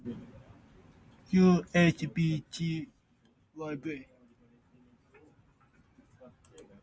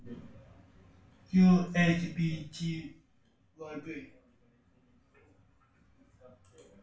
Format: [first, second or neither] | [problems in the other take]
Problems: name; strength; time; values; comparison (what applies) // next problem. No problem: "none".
first | room echo; dies away in 0.3 s